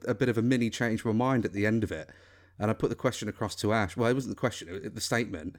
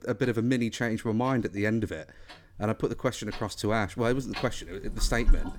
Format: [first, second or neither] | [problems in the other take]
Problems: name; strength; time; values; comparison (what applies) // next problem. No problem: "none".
first | household noises; loud; throughout; 9 dB below the speech